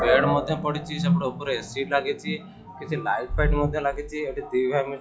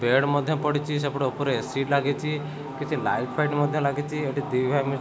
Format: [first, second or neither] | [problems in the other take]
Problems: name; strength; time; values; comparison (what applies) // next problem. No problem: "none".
second | noise reduction (classical method log-MMSE)